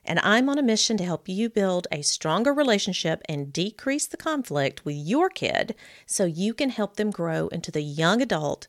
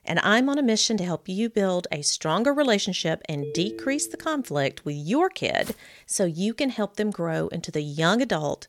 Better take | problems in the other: first | phone ringing; noticeable; at 3.5 s; peak 9 dB below the speech // footsteps; faint; at 5.5 s; peak 15 dB below the speech

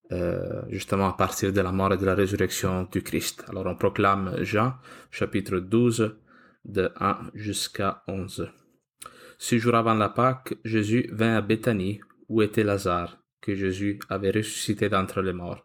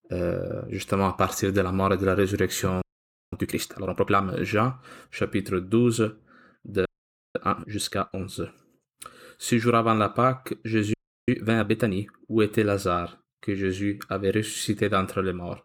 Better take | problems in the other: first | audio freezing; at 3 s for 0.5 s, at 7 s and at 11 s

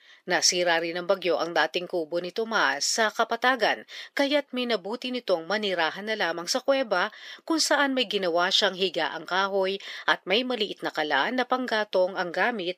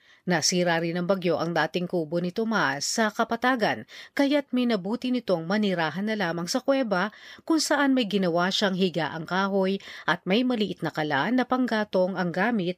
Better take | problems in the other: second | thin; somewhat; fading below 400 Hz

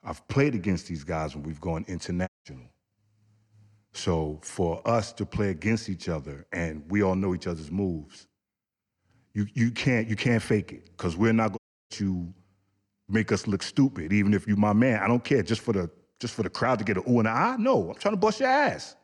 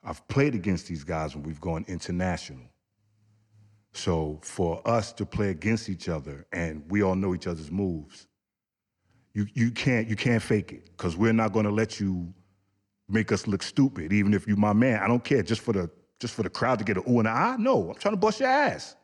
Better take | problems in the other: second | audio cutting out; at 2.5 s and at 12 s

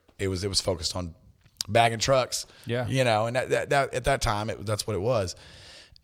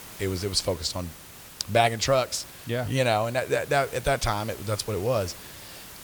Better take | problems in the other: first | hiss; noticeable; throughout; 15 dB below the speech

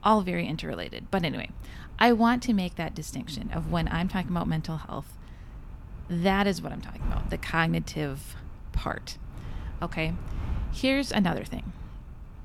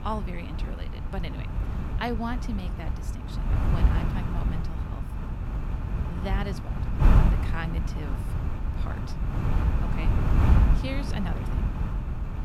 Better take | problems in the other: first | wind noise on the microphone; heavy; as loud as the speech; occasional gusts in the first

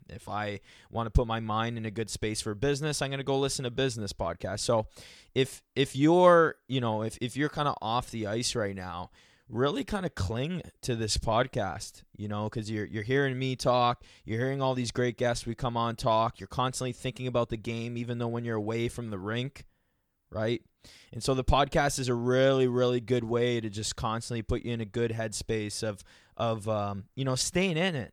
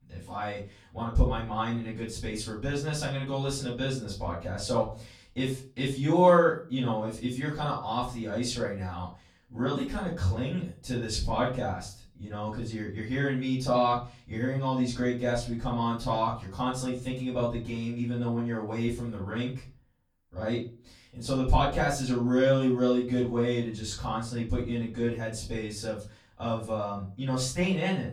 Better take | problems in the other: first | off-mic speech; far // room echo; slight; dies away in 0.3 s

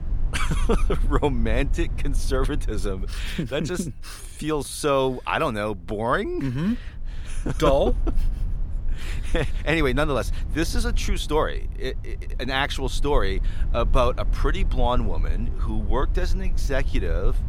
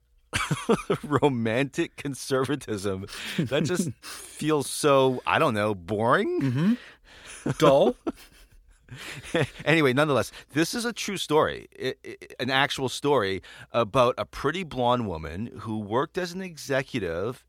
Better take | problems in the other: second | low rumble; faint; throughout; 20 dB below the speech

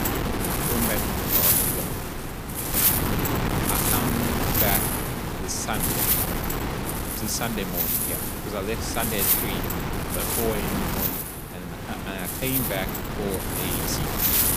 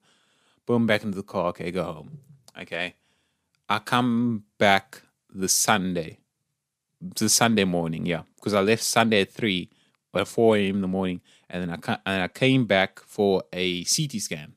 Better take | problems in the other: second | wind noise on the microphone; heavy; 5 dB above the speech

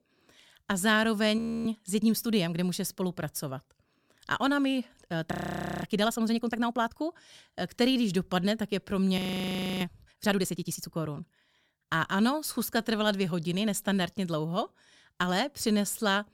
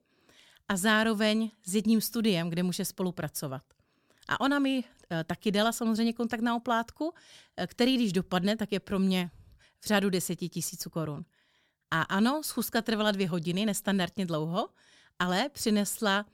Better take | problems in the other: second | audio freezing; at 1.5 s, at 5.5 s for 0.5 s and at 9 s for 0.5 s

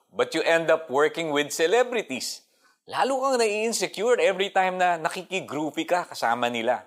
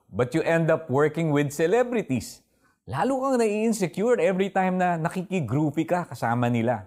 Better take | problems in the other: second | thin; somewhat; fading below 450 Hz

